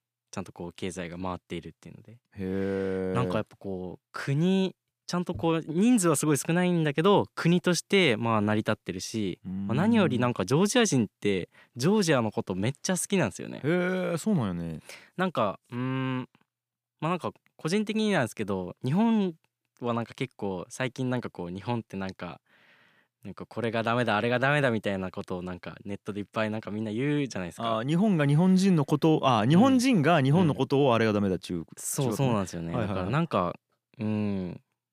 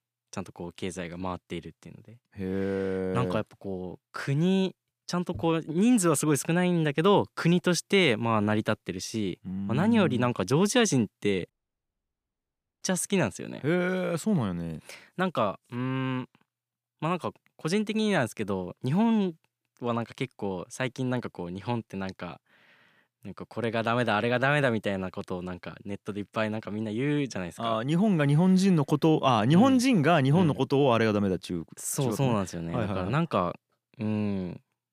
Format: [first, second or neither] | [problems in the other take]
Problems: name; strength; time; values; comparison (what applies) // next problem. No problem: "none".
first | audio cutting out; at 12 s for 1.5 s